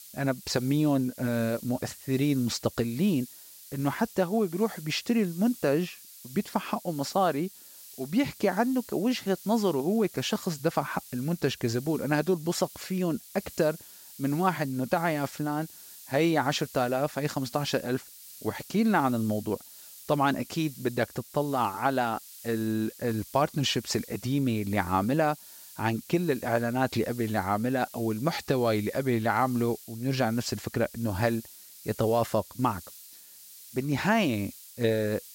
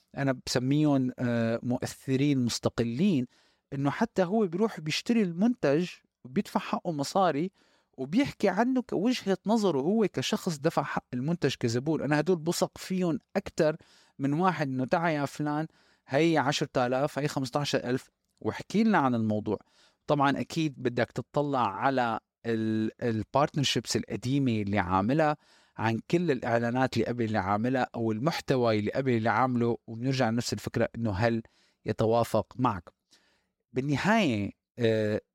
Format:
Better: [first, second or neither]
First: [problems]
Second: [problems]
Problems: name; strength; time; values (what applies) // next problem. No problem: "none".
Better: second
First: hiss; noticeable; throughout; 15 dB below the speech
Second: none